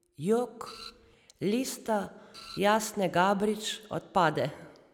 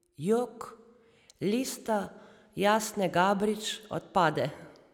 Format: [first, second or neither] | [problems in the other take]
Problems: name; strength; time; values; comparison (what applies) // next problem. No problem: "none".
second | background sound (Printer); 18 dB below the speech